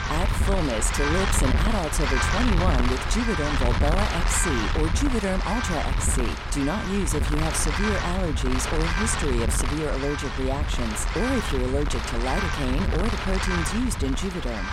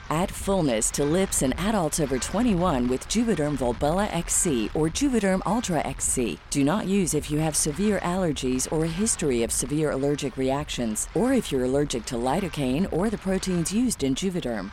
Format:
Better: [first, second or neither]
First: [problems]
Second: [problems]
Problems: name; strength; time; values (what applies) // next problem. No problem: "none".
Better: second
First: wind noise on the microphone; heavy; 2 dB above the speech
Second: wind noise on the microphone; occasional gusts; 15 dB below the speech